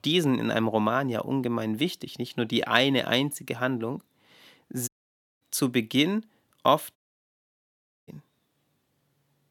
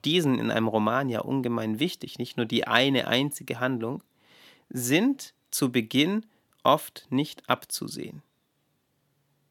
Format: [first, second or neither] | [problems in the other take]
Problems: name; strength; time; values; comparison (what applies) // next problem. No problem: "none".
second | audio cutting out; at 5 s for 0.5 s and at 7 s for 1 s